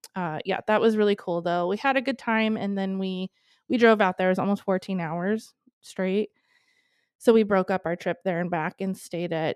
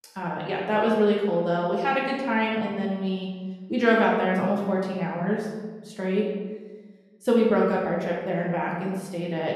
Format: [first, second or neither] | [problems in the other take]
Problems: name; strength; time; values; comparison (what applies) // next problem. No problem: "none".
first | room echo; noticeable; dies away in 1.1 s // off-mic speech; far